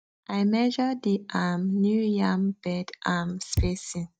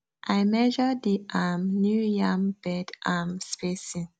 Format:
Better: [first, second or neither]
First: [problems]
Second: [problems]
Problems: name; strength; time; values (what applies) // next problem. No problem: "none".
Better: second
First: noise reduction (neural mask model DeepFilterNet 3)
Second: none